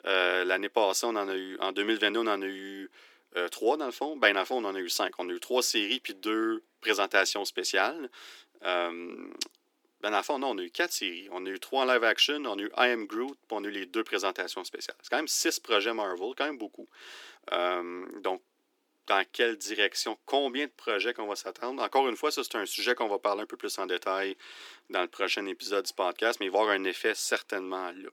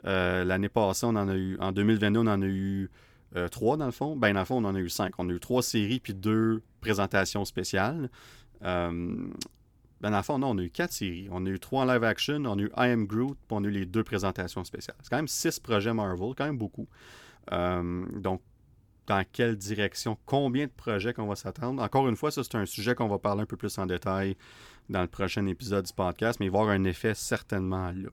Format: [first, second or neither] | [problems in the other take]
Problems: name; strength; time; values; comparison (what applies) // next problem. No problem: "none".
second | thin; somewhat; fading below 300 Hz